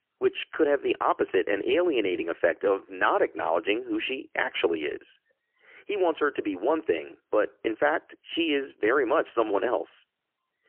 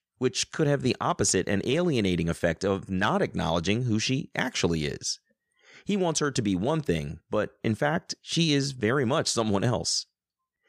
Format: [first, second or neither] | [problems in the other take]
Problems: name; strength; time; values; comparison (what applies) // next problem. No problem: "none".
second | phone-call audio; poor line; nothing above 3 kHz